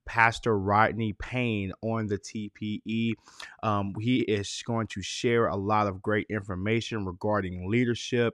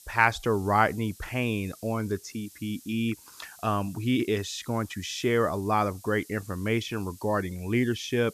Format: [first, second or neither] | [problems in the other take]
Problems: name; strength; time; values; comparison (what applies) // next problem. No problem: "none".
first | hiss; faint; throughout; 20 dB below the speech